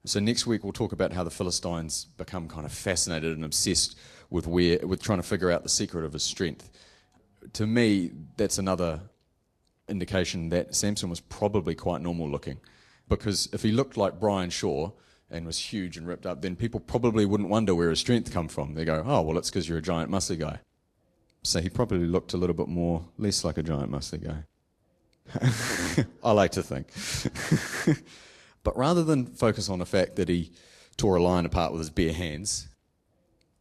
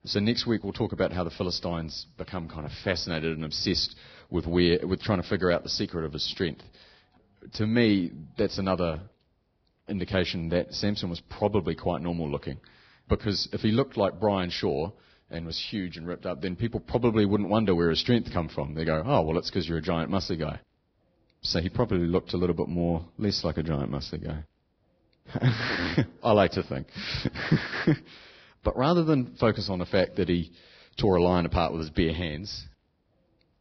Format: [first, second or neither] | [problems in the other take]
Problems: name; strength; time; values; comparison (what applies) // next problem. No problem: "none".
first | garbled, watery; badly; nothing above 5.5 kHz; slightly in the first